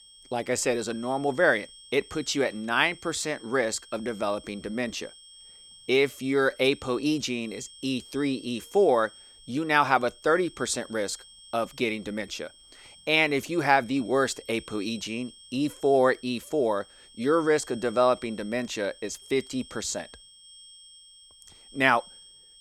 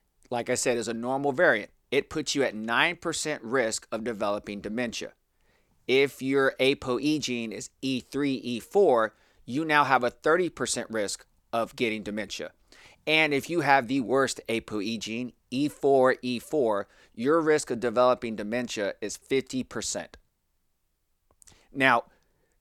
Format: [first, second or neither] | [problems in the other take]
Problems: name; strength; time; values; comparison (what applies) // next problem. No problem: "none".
second | high-pitched whine; faint; throughout; 3 kHz, 20 dB below the speech